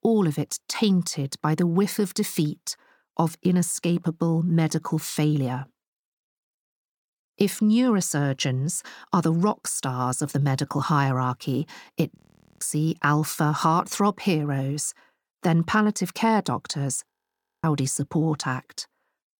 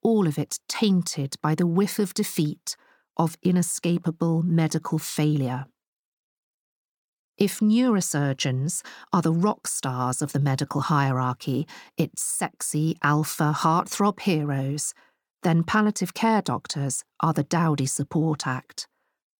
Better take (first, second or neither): second